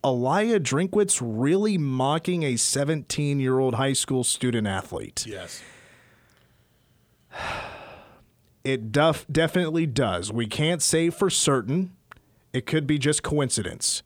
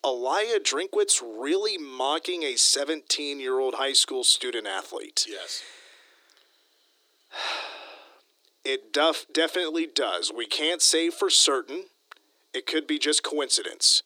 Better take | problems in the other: first | thin; very; fading below 300 Hz

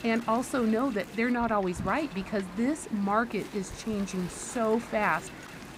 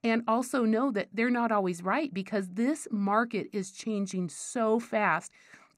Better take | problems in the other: second | wind noise on the microphone; occasional gusts; 15 dB below the speech

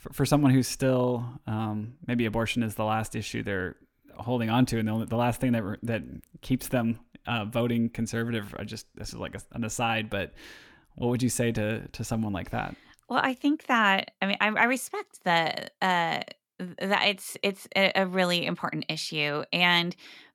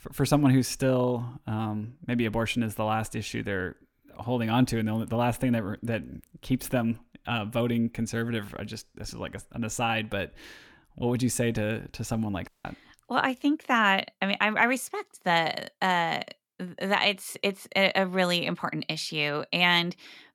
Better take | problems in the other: first | audio cutting out; at 12 s

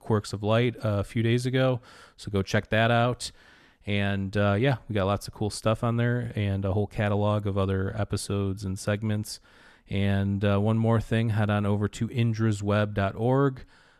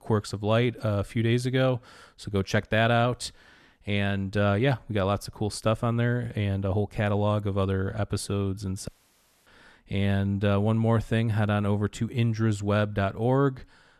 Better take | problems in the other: first | audio cutting out; at 9 s for 0.5 s

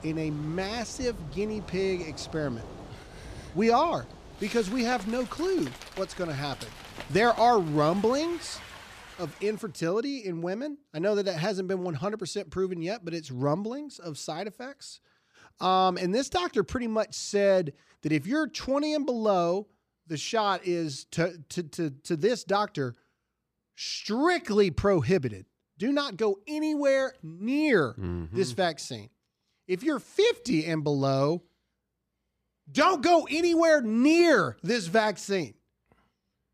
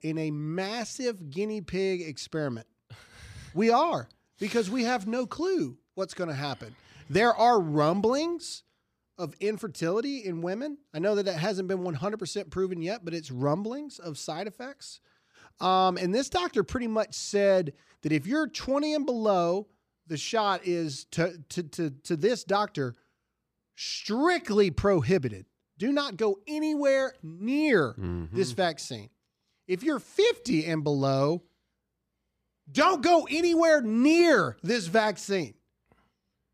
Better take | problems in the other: second | rain or running water; noticeable; until 9.5 s; 15 dB below the speech

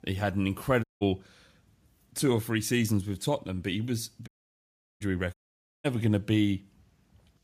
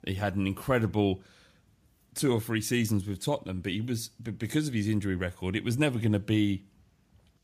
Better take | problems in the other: second | audio cutting out; at 1 s, at 4.5 s for 0.5 s and at 5.5 s for 0.5 s

